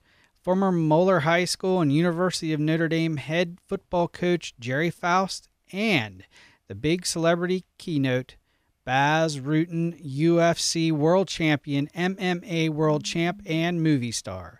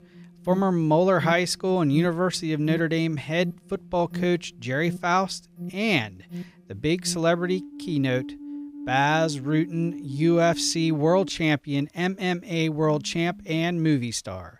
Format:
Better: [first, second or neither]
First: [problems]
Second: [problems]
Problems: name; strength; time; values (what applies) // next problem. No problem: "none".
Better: first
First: none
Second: alarms or sirens; noticeable; throughout; 15 dB below the speech